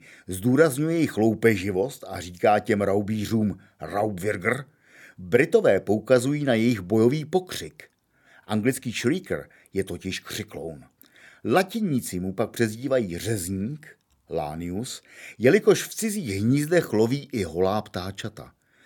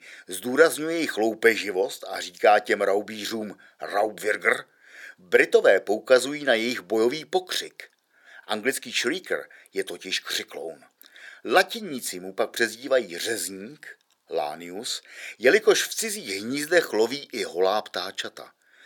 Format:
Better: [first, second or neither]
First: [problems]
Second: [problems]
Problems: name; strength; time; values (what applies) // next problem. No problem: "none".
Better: first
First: none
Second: thin; somewhat; fading below 500 Hz